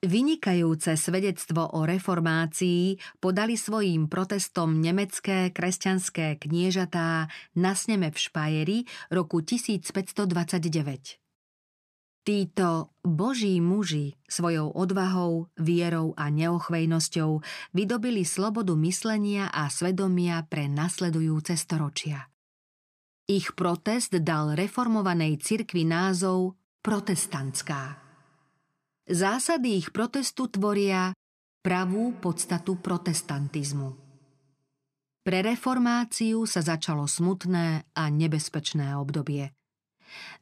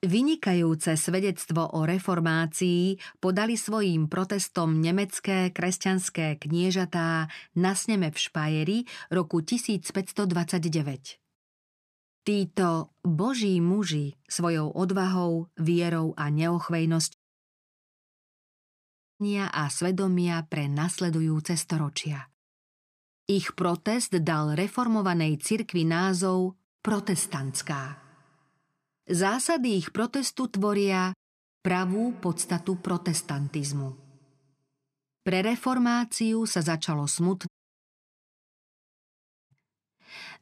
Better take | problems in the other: first | audio cutting out; at 17 s for 2 s and at 37 s for 2 s

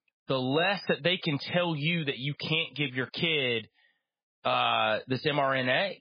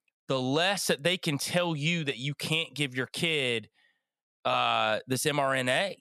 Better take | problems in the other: second | garbled, watery; badly; nothing above 5 kHz

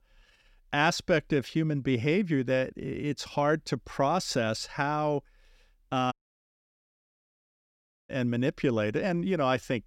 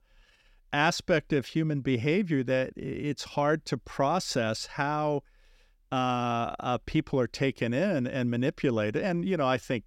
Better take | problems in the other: second | audio cutting out; at 6 s for 2 s

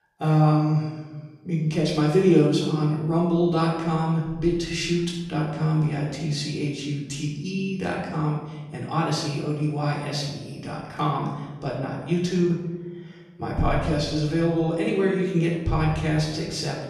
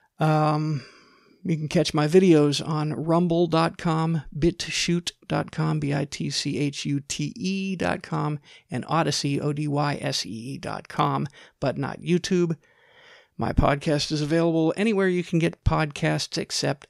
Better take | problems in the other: second | room echo; noticeable; dies away in 1.1 s // off-mic speech; far

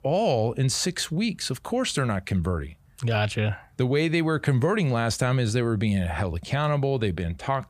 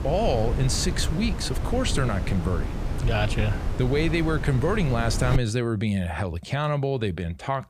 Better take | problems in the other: first | wind noise on the microphone; heavy; until 5.5 s; 9 dB below the speech

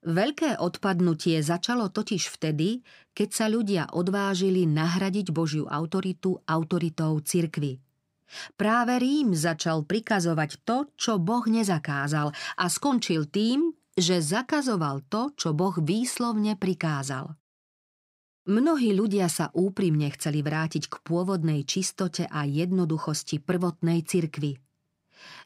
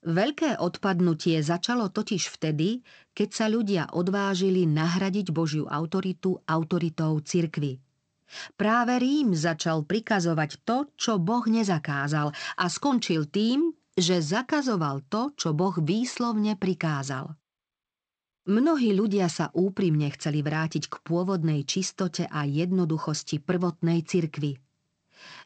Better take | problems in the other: first | garbled, watery; slightly; nothing above 8 kHz

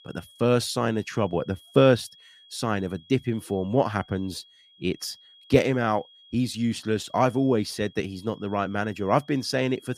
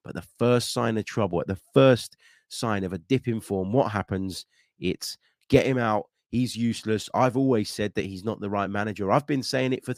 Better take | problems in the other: second | high-pitched whine; faint; throughout; 3.5 kHz, 25 dB below the speech

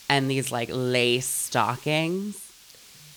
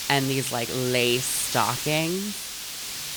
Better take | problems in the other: first | hiss; loud; throughout; 5 dB below the speech; faint in the first

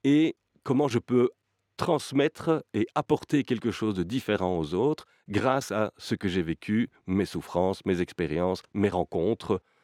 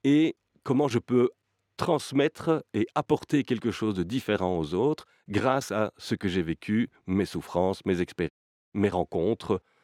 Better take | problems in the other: first | audio cutting out; at 8.5 s

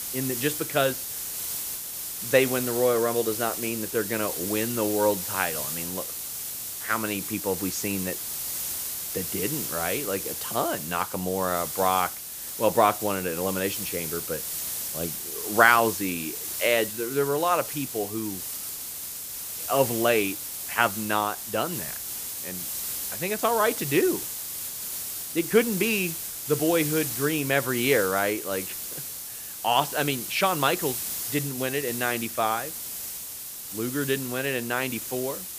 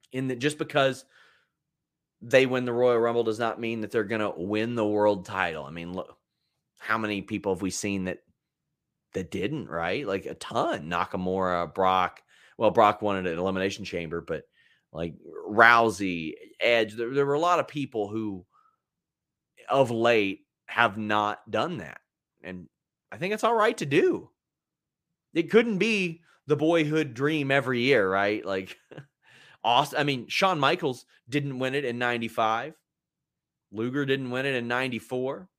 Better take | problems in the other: second | hiss; loud; throughout; 4 dB below the speech

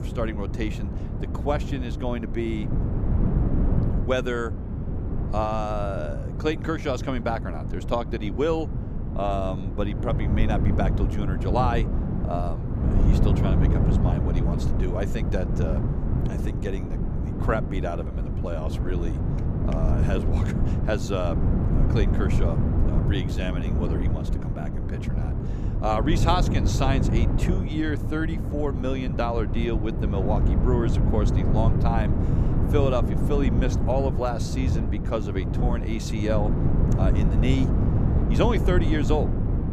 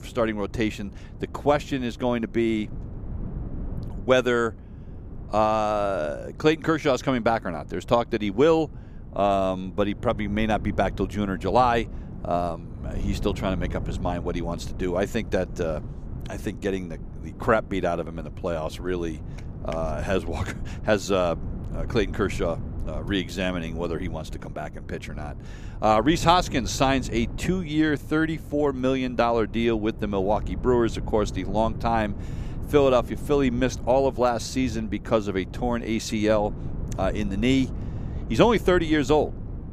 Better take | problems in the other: second | wind noise on the microphone; heavy; 5 dB below the speech; occasional gusts in the second

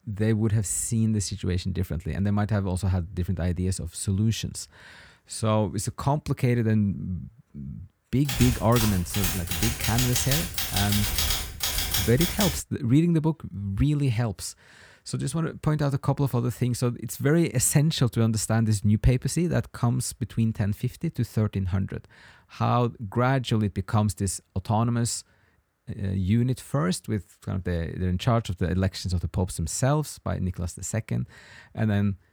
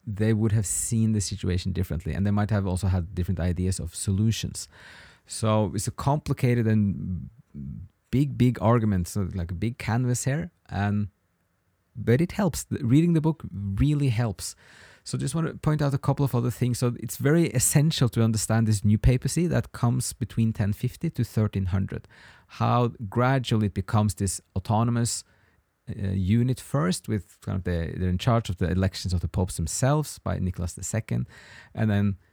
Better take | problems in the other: second | keyboard typing; loud; from 8.5 to 13 s; peak 2 dB above the speech

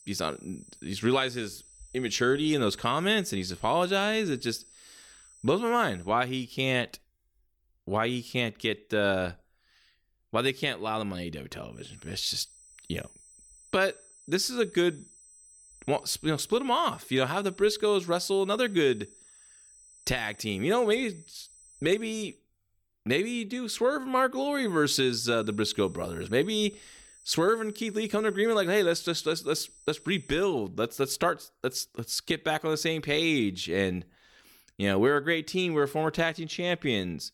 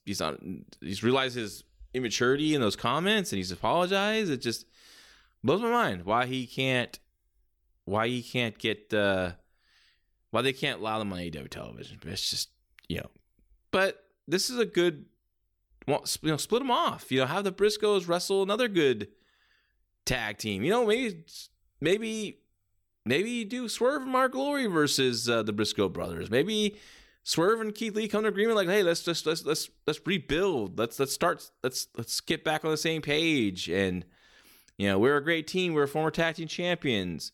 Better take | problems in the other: second | high-pitched whine; faint; until 6 s, from 12 to 22 s and from 25 to 30 s; 8 kHz, 25 dB below the speech

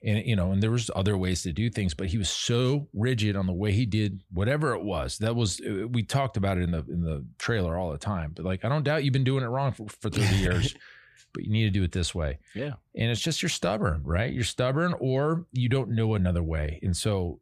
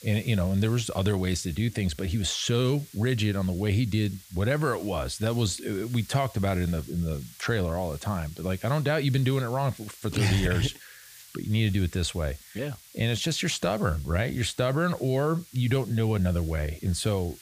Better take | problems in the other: first | hiss; faint; throughout; 20 dB below the speech

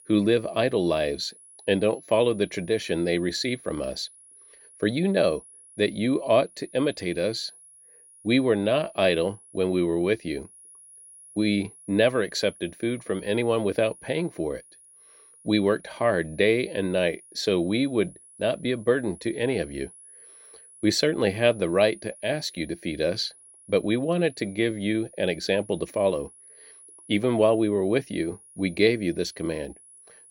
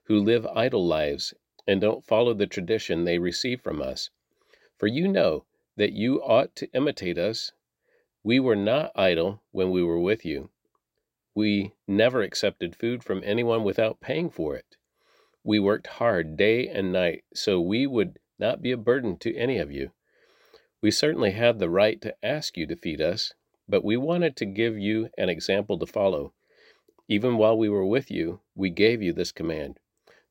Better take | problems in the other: second | high-pitched whine; faint; throughout; 10.5 kHz, 20 dB below the speech

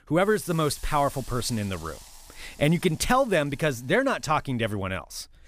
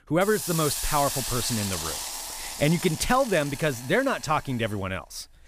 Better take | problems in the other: first | hiss; loud; throughout; 5 dB below the speech; faint in the first

